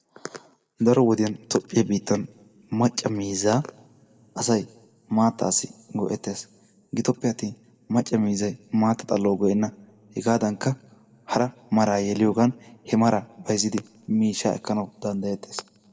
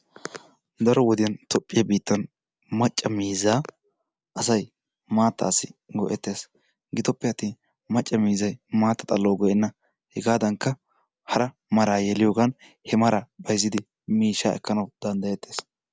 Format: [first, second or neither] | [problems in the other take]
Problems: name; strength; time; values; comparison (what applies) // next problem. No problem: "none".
second | room echo; dies away in 0.4 s